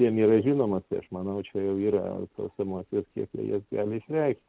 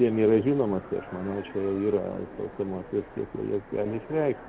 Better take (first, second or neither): first